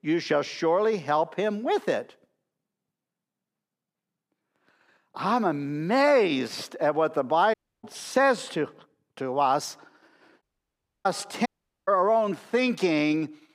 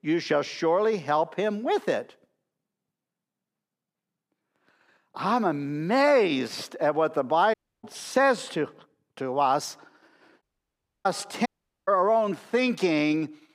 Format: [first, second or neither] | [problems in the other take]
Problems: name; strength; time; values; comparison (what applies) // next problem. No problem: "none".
neither | audio cutting out; at 7.5 s, at 10 s for 0.5 s and at 11 s; the same in both